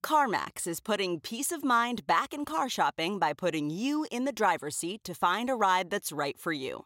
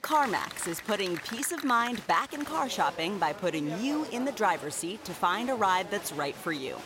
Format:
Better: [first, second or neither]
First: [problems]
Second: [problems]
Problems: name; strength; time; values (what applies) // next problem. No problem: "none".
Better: first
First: none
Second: crowd noise; noticeable; throughout; 10 dB below the speech